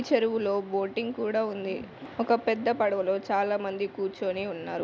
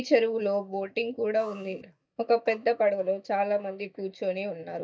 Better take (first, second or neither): first